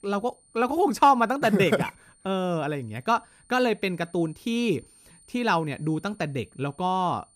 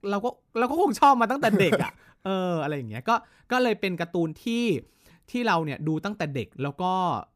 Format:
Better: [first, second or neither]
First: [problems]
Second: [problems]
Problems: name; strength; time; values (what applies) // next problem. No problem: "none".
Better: second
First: high-pitched whine; faint; throughout; 9 kHz, 30 dB below the speech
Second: none